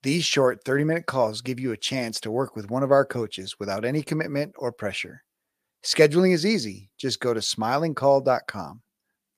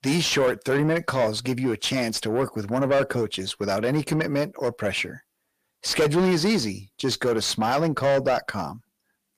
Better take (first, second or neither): first